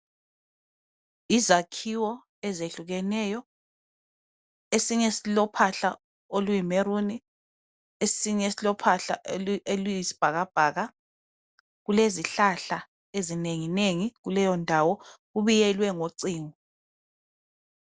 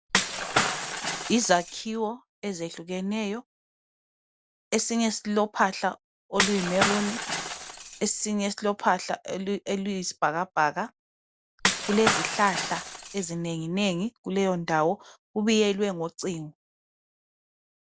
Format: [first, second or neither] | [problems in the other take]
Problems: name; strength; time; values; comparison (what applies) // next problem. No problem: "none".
first | background sound (Shatter / Crushing); 1 dB below the speech